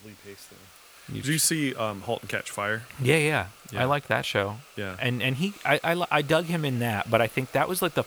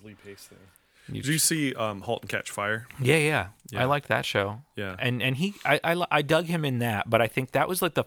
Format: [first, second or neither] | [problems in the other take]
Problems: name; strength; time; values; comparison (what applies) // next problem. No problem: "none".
second | hiss; faint; throughout; 20 dB below the speech